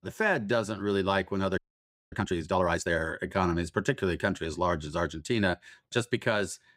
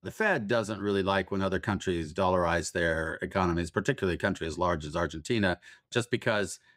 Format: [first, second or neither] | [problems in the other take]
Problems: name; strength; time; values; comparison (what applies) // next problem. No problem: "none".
second | audio freezing; at 1.5 s for 0.5 s